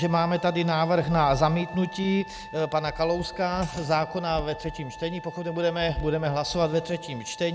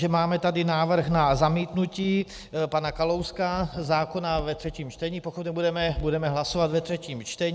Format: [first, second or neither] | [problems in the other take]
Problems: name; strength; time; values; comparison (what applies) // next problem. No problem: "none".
second | background sound (Liquid + Trumpet); 16 dB below the speech